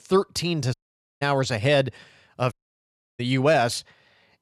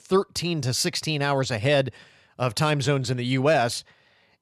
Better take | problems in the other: second | audio cutting out; at 0.5 s and at 2.5 s for 0.5 s

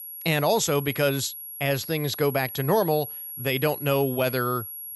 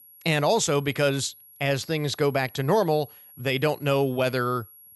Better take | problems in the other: second | high-pitched whine; loud; throughout; 11.5 kHz, 9 dB below the speech; faint in the second

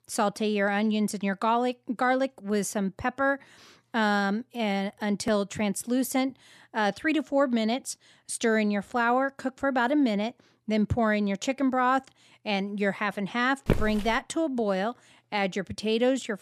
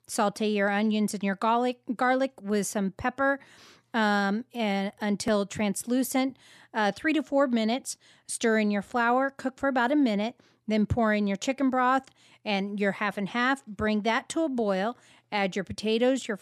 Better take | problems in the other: second | footsteps; noticeable; at 14 s; peak 2 dB below the speech

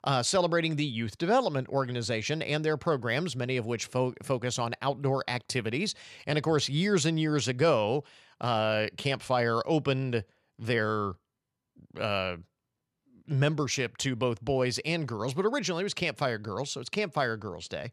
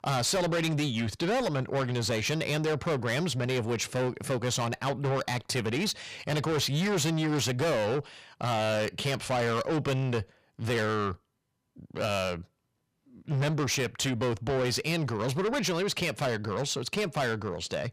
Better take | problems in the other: first | distortion; heavy; 6 dB below the speech

